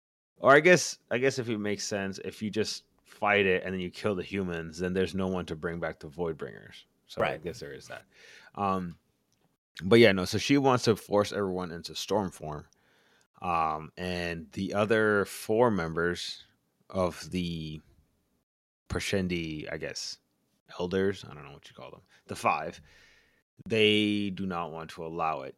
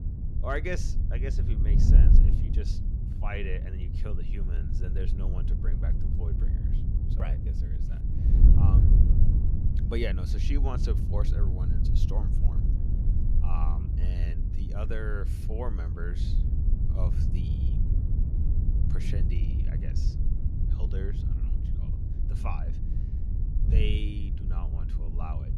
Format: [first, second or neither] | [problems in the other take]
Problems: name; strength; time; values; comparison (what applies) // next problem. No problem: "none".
first | wind noise on the microphone; heavy; 3 dB below the speech